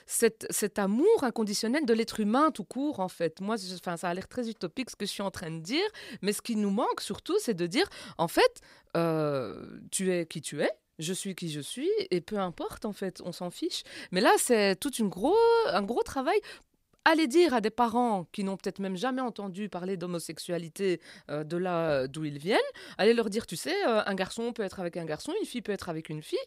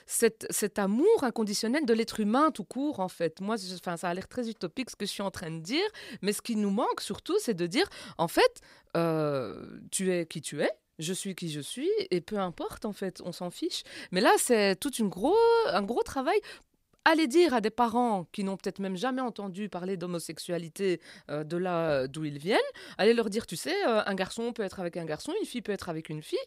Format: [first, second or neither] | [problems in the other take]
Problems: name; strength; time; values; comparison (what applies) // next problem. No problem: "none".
neither | none